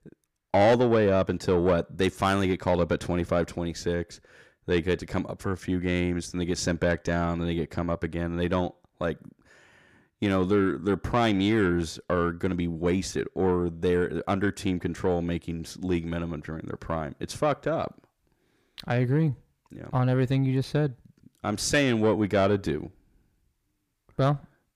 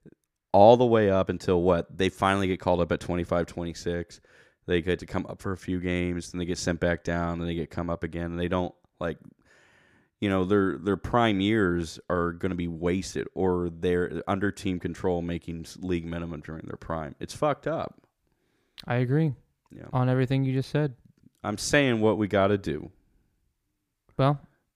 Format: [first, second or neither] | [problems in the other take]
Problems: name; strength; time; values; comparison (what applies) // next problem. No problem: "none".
second | distortion; slight; 10 dB below the speech